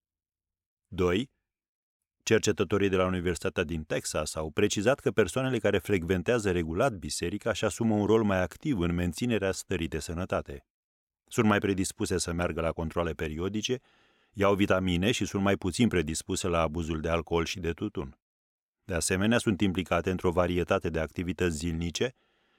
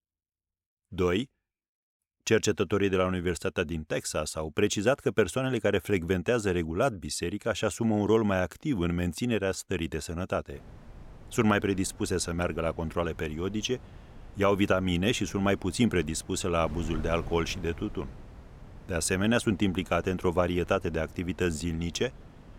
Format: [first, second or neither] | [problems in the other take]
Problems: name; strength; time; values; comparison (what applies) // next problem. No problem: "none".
first | wind noise on the microphone; occasional gusts; from 11 s on; 25 dB below the speech